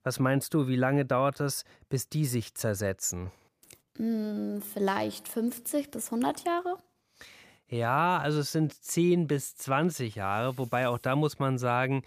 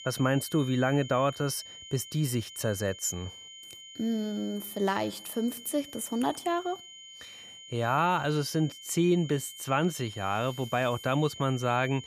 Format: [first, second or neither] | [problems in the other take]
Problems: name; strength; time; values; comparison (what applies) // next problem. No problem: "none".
first | high-pitched whine; noticeable; throughout; 3 kHz, 15 dB below the speech